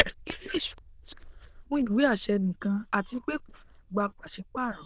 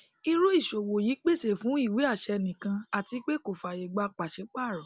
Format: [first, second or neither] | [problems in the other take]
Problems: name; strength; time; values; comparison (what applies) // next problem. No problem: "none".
second | noise reduction (neural diffusion model UNIVERSE++)